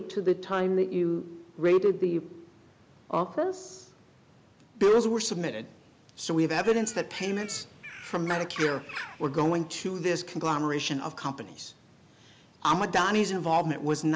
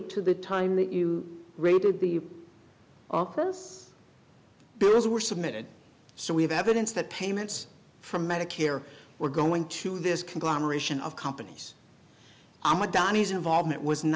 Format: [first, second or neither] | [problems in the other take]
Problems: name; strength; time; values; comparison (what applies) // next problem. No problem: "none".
second | background sound (Bird); 13 dB below the speech